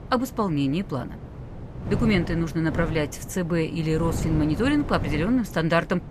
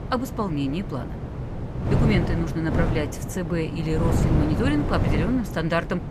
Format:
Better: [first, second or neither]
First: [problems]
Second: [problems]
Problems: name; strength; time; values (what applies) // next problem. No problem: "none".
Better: first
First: wind noise on the microphone; occasional gusts; 15 dB below the speech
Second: wind noise on the microphone; heavy; 4 dB below the speech